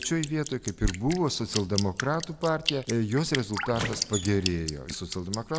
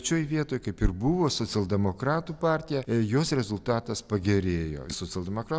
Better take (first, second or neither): second